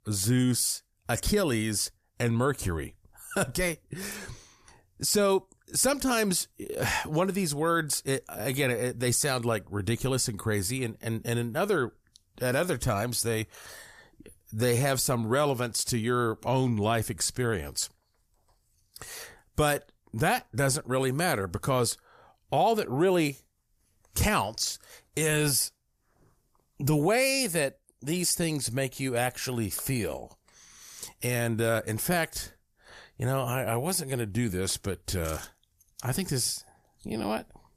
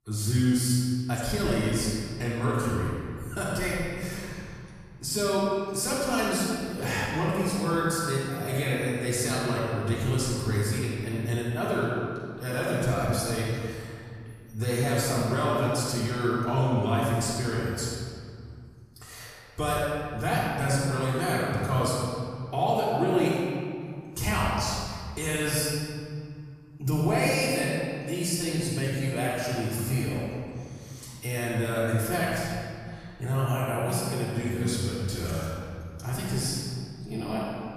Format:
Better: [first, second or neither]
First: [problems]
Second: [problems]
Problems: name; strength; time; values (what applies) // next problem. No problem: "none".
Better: first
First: none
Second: off-mic speech; far // room echo; strong; dies away in 2.3 s